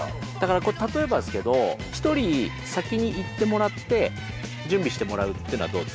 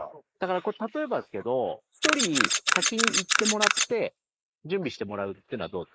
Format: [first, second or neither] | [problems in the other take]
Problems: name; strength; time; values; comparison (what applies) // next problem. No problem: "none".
first | noise reduction (neural mask model Resemble Enhance denoiser)